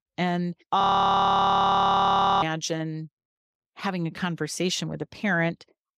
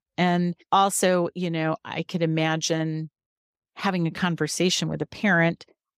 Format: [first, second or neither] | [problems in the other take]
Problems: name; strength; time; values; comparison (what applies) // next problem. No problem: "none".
second | audio freezing; at 1 s for 1.5 s